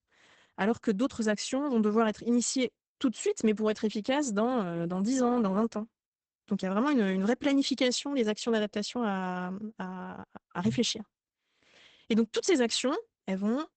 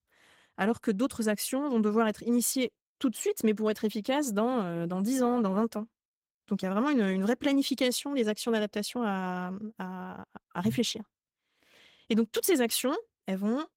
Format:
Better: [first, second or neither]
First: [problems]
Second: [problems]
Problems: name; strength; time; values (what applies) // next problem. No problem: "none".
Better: second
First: garbled, watery; badly; nothing above 8 kHz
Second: garbled, watery; slightly; nothing above 16 kHz